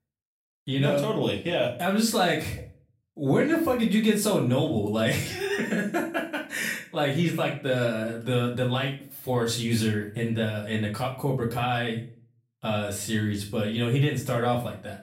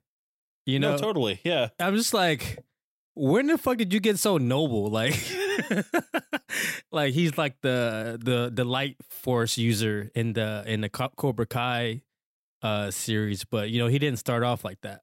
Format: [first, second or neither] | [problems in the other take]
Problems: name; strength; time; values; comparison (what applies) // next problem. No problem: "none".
second | room echo; slight; dies away in 0.4 s // off-mic speech; far